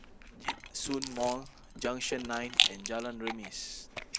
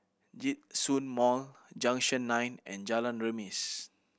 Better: second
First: noise reduction (neural mask model Resemble Enhance denoiser)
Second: none

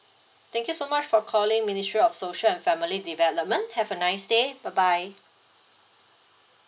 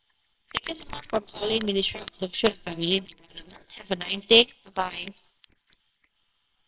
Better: first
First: none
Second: noise reduction (neural separator model SepFormer WHAMR!)

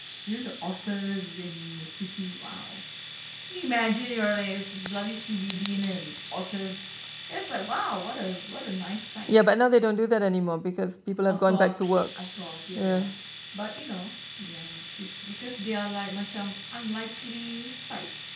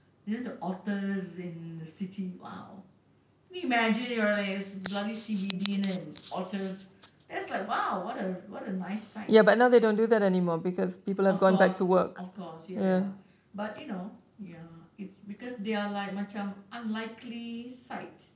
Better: second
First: background sound (Domestic sounds, home sounds); 12 dB below the speech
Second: none

